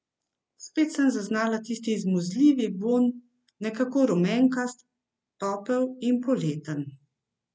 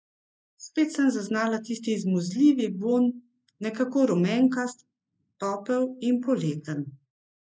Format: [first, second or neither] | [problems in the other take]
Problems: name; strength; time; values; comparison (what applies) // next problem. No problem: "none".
first | noise reduction (neural mask model Resemble Enhance denoiser)